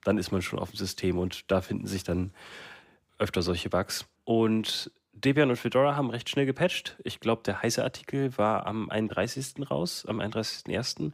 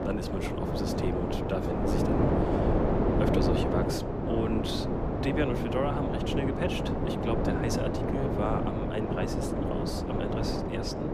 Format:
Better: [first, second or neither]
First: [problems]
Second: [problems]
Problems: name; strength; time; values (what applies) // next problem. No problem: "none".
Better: first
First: none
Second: wind noise on the microphone; heavy; 4 dB above the speech